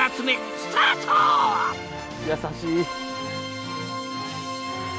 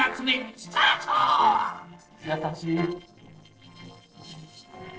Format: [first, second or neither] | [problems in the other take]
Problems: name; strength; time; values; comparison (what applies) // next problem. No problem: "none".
first | noise reduction (neural separator model SepFormer DNS4)